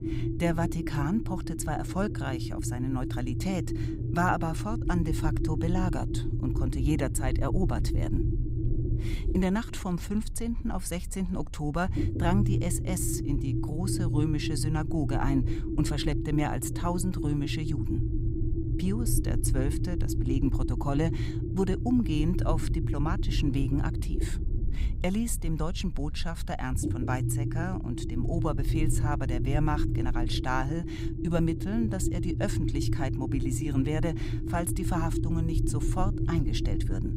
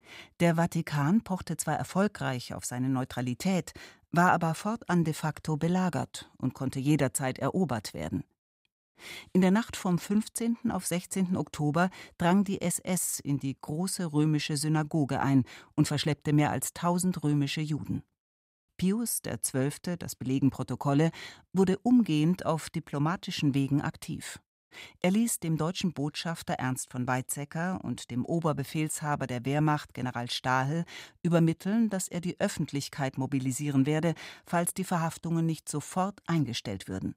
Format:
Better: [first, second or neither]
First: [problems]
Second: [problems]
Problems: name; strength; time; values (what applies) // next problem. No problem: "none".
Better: second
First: low rumble; loud; throughout; 5 dB below the speech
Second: none